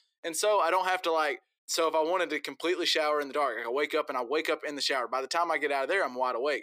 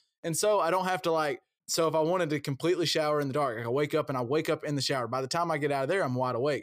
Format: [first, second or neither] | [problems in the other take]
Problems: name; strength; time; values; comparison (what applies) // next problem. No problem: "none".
second | thin; somewhat; fading below 300 Hz